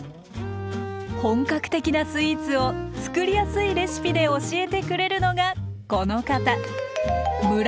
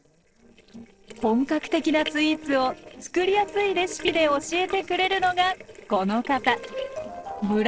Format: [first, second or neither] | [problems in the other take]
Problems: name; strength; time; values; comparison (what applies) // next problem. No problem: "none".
first | noise reduction (neural separator model SepFormer DNS4)